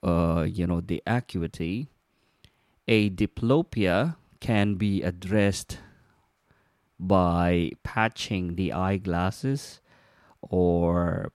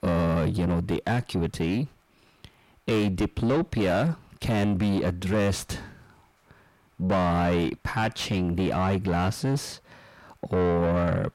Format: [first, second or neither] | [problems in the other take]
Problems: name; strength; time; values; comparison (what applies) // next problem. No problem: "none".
first | distortion; heavy; 6 dB below the speech